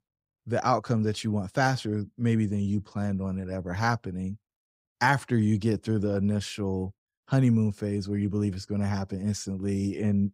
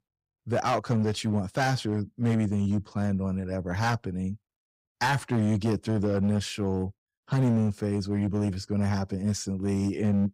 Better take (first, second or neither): first